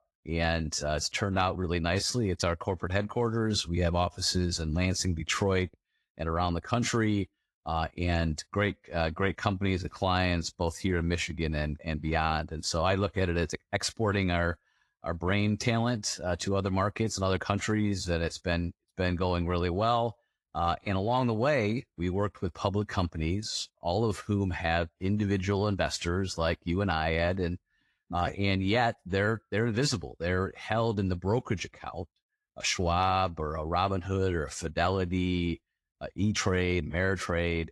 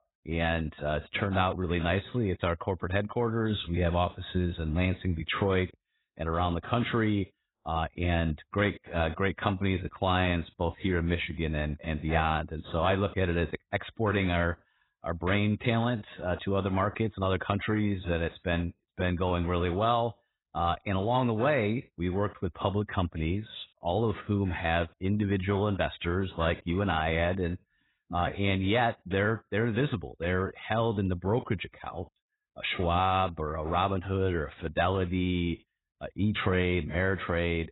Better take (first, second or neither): first